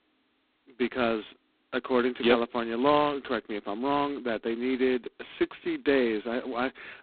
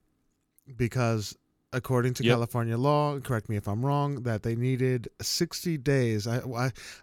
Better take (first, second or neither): second